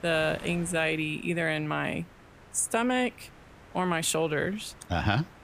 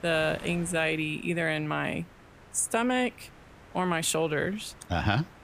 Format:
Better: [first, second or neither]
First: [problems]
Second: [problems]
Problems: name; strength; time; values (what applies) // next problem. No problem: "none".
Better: neither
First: wind noise on the microphone; occasional gusts; 20 dB below the speech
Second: wind noise on the microphone; occasional gusts; 20 dB below the speech